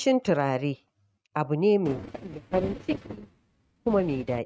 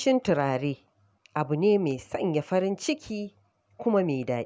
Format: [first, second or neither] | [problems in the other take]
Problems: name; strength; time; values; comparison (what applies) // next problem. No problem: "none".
second | noise reduction (neural mask model RNNoise)